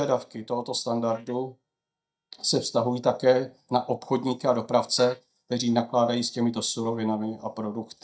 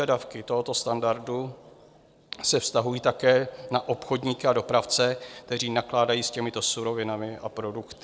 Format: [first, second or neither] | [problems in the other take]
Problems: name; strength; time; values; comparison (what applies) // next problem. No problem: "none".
second | noise reduction (neural mask model DeepFilterNet 3)